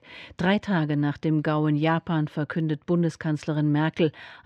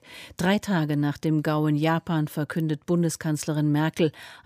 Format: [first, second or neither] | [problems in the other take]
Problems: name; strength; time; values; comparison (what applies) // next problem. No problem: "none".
second | muffled; slightly; fading above 3 kHz